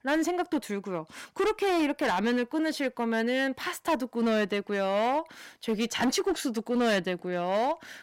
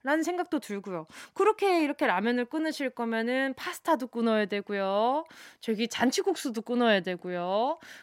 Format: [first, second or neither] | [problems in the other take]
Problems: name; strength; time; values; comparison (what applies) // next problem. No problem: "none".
second | distortion; slight; 10% of the sound clipped